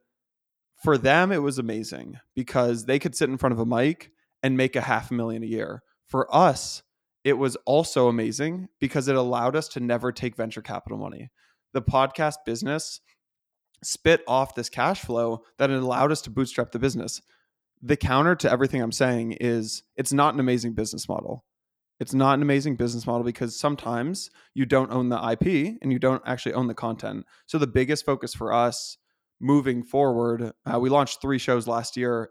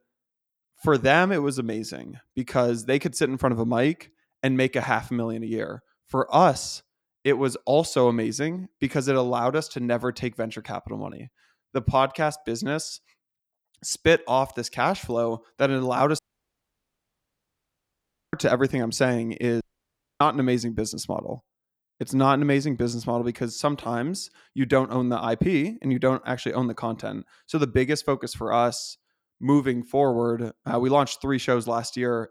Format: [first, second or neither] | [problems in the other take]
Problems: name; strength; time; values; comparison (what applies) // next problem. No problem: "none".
first | audio cutting out; at 16 s for 2 s and at 20 s for 0.5 s